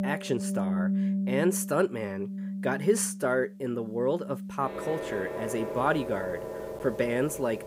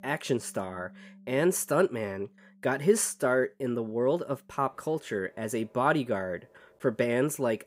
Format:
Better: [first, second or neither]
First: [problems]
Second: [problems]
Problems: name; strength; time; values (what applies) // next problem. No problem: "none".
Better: second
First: background music; loud; throughout; 4 dB below the speech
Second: background music; faint; throughout; 30 dB below the speech